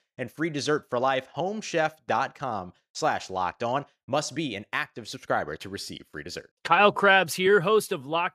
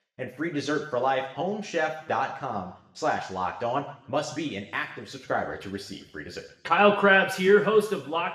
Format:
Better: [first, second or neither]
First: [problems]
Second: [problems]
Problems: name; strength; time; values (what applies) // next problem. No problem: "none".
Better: first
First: none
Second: room echo; slight; dies away in 0.8 s // off-mic speech; somewhat distant